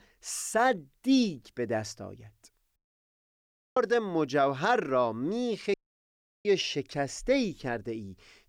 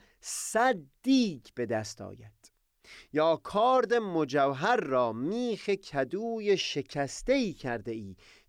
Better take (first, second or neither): second